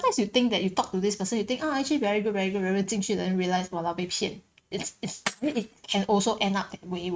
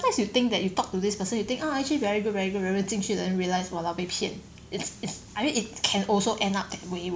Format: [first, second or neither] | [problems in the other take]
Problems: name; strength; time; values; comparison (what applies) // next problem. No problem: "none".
second | noise reduction (neural mask model RNNoise)